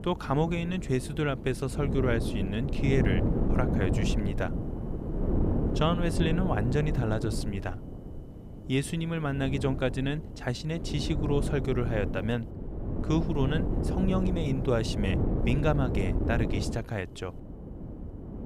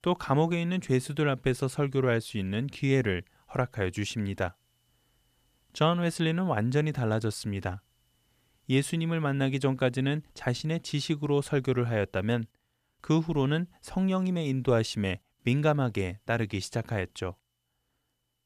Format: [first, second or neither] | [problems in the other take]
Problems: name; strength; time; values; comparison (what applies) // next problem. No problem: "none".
second | wind noise on the microphone; heavy; 5 dB below the speech